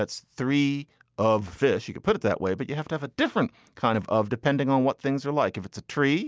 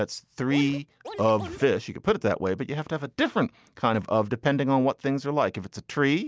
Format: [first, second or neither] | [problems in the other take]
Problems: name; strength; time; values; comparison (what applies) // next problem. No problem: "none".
first | background sound (Scratching (performance technique)); 14 dB below the speech